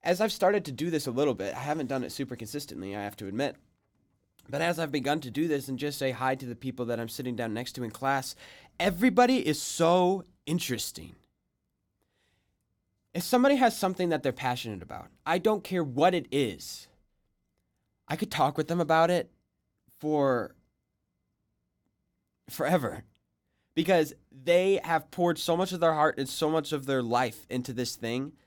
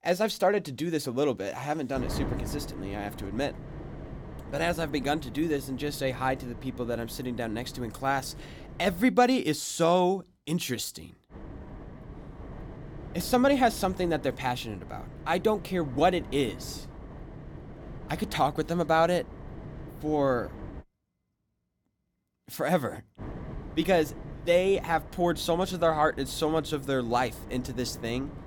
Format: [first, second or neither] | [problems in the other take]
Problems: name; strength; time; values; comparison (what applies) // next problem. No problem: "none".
first | wind noise on the microphone; occasional gusts; from 2 to 9 s, from 11 to 21 s and from 23 s on; 20 dB below the speech